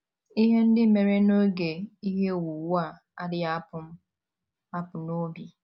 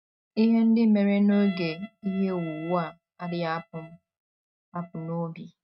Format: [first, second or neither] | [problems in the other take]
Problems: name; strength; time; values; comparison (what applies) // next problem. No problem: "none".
first | noise reduction (neural mask model RNNoise)